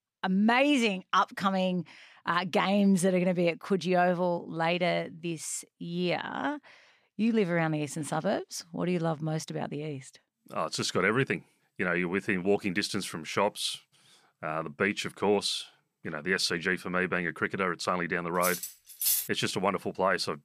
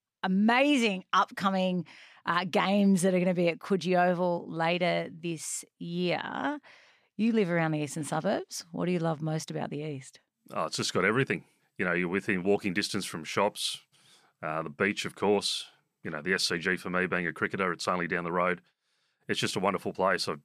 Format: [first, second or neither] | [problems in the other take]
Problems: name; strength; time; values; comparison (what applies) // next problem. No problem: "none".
second | clattering dishes; loud; at 18 s; peak 3 dB above the speech